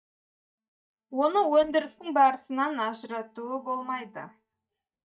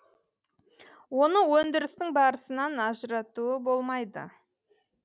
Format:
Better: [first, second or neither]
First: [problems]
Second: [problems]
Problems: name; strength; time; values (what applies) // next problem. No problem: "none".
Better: second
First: noise reduction (neural mask model DeepFilterNet 3)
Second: none